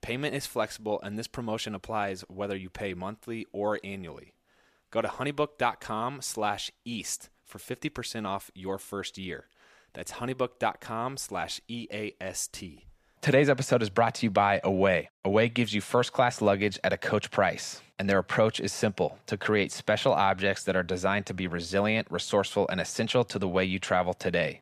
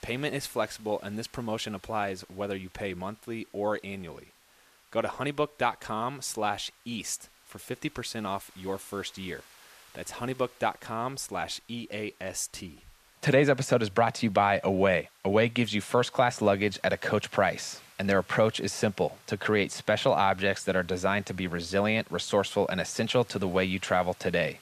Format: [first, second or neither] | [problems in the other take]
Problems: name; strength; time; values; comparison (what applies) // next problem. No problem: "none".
first | hiss; faint; throughout; 25 dB below the speech